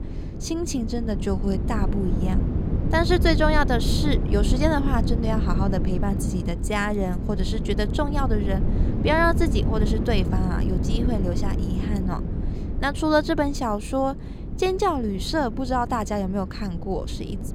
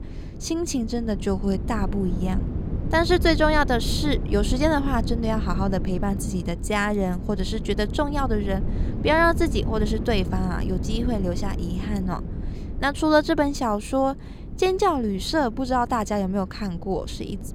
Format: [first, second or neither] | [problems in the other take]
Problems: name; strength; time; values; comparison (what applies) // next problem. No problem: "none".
second | wind noise on the microphone; heavy; 10 dB below the speech; occasional gusts in the second